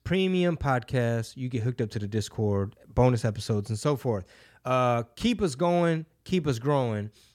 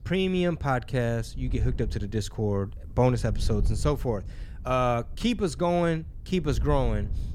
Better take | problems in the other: first | wind noise on the microphone; occasional gusts; 25 dB below the speech

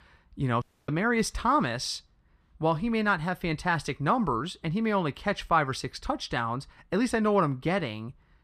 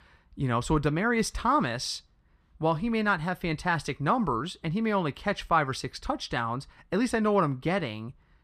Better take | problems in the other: second | audio cutting out; at 0.5 s

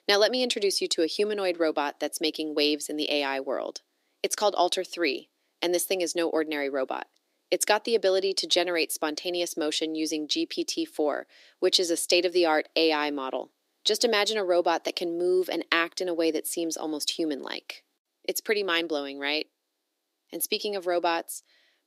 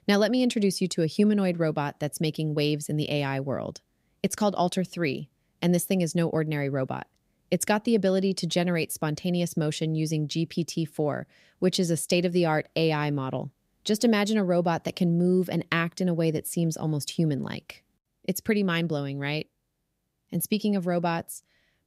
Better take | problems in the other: second | thin; very; fading below 300 Hz

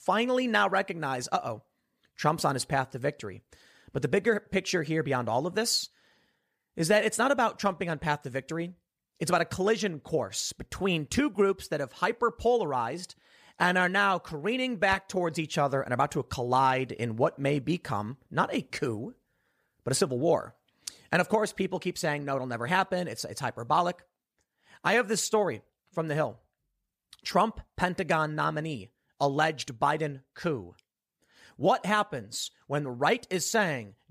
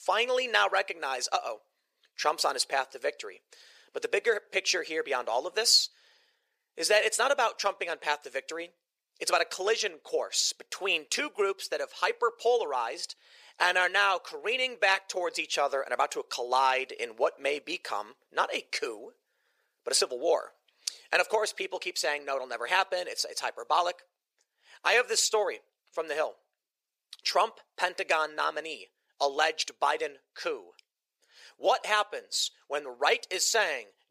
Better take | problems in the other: first | thin; very; fading below 450 Hz

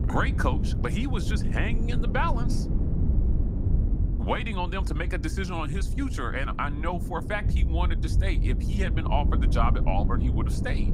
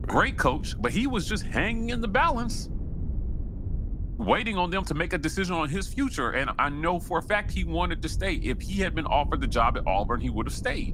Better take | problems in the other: second | low rumble; loud; throughout; 9 dB below the speech; faint in the second

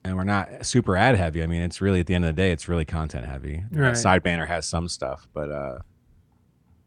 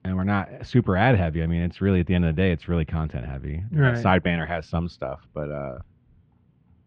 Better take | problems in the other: first | muffled; very; fading above 3 kHz

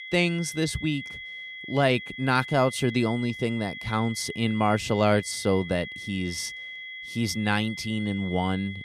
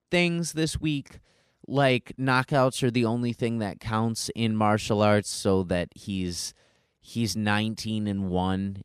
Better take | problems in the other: second | high-pitched whine; noticeable; throughout; 2 kHz, 10 dB below the speech

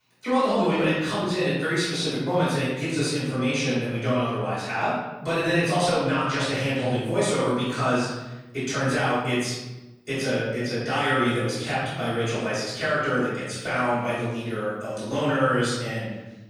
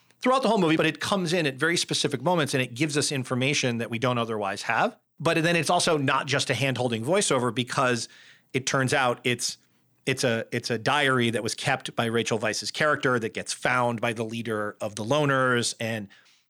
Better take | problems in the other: second | off-mic speech; far // room echo; strong; dies away in 1.1 s

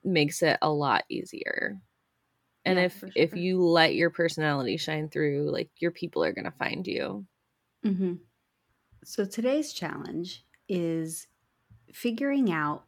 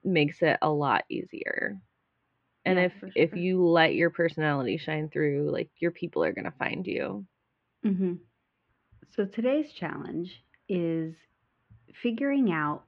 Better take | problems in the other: first | muffled; slightly; fading above 3 kHz

